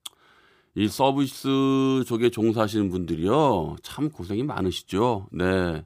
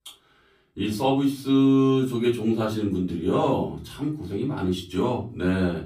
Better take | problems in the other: first | room echo; slight; dies away in 0.3 s // off-mic speech; far

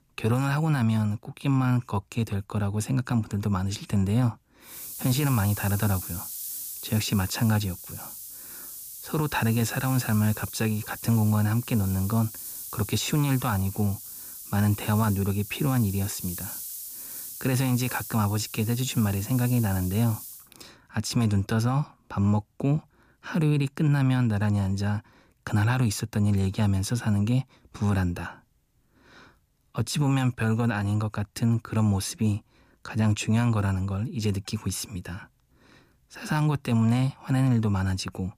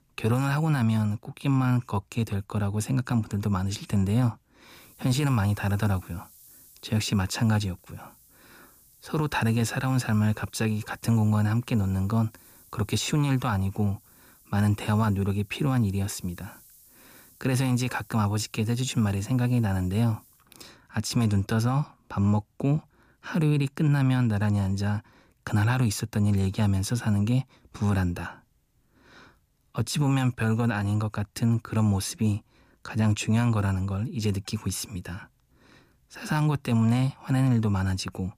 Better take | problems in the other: second | hiss; loud; from 4.5 to 20 s; 10 dB below the speech; faint in the second

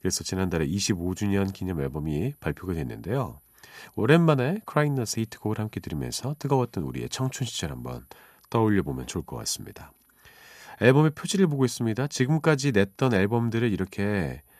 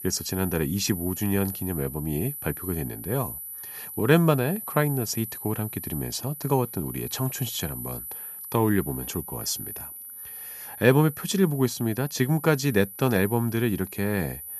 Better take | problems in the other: first | high-pitched whine; loud; throughout; 12 kHz, 9 dB below the speech; faint in the first

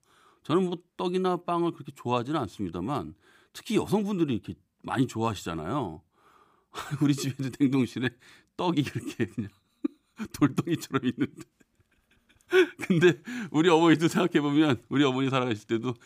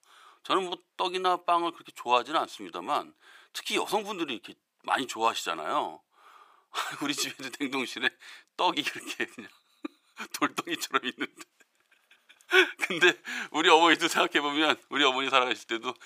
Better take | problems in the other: first | thin; very; fading below 650 Hz

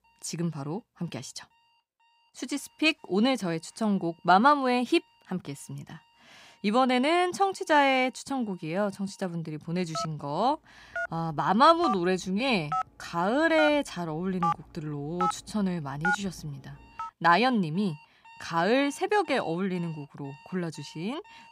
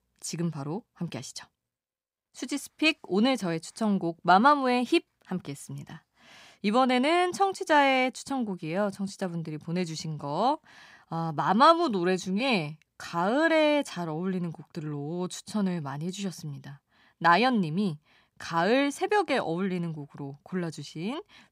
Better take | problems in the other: second | alarms or sirens; loud; throughout; 6 dB below the speech

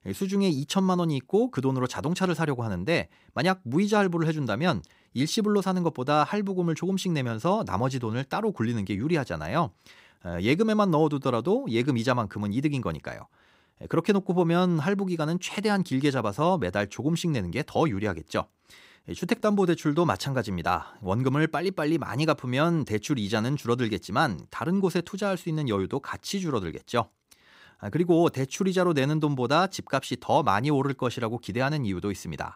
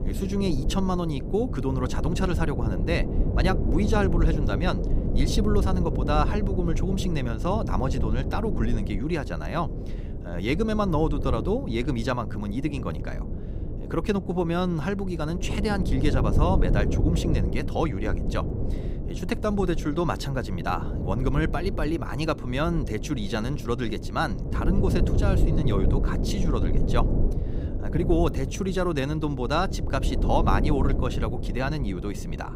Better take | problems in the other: first | low rumble; loud; throughout; 8 dB below the speech

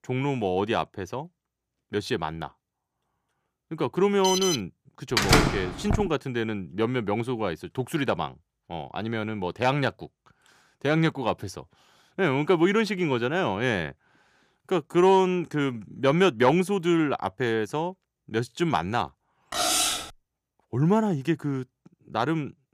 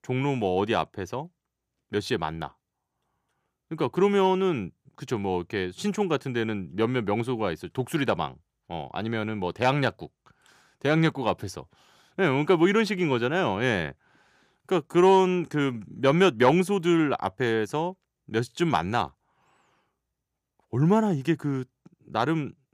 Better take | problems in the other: second | alarm; loud; at 4 s; peak level with the speech // door banging; loud; at 5 s; peak 6 dB above the speech // clattering dishes; loud; at 20 s; peak 4 dB above the speech

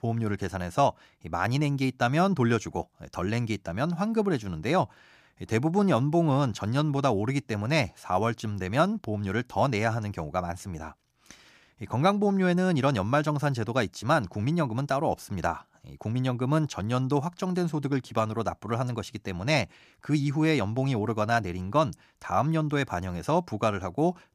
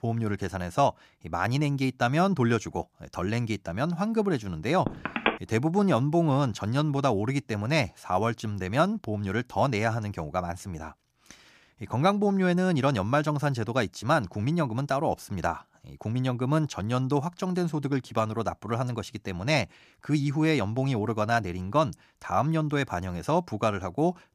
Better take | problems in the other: first | phone ringing; noticeable; at 5 s; peak 1 dB below the speech

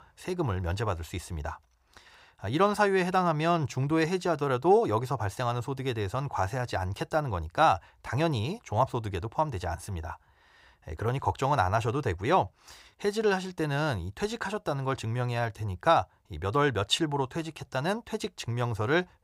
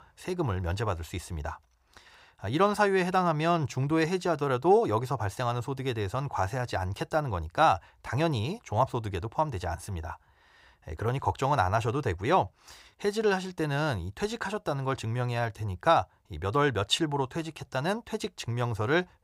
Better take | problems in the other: neither | none

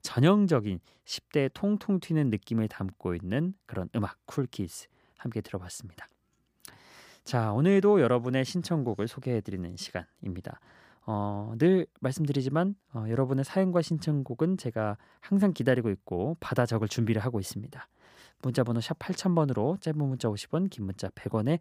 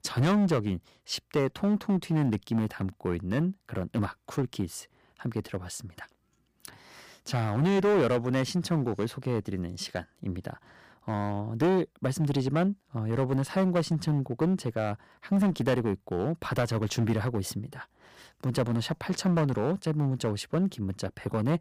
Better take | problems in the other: first | distortion; slight; 7% of the sound clipped

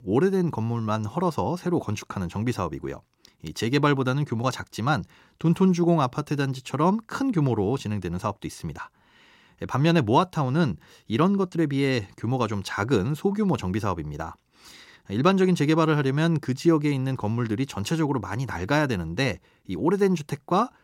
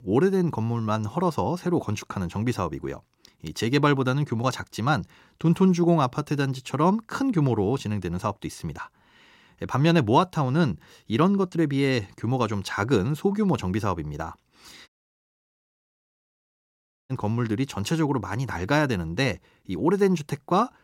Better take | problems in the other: first | audio cutting out; at 15 s for 2 s

